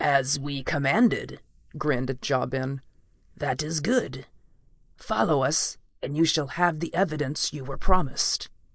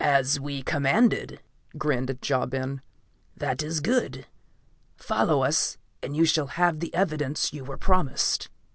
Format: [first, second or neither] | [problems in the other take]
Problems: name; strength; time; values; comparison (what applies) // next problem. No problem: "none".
second | noise reduction (neural mask model Resemble Enhance denoiser)